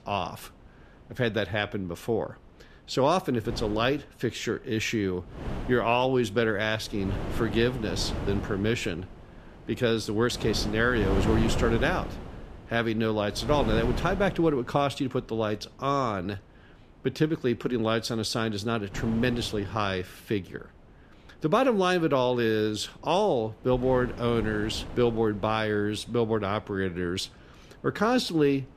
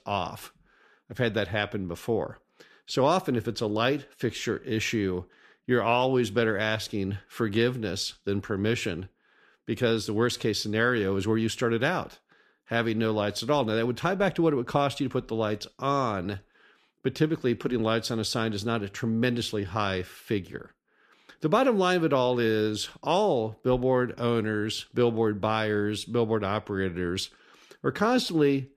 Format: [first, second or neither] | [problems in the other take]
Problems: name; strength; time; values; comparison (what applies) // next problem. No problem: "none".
second | wind noise on the microphone; occasional gusts; 10 dB below the speech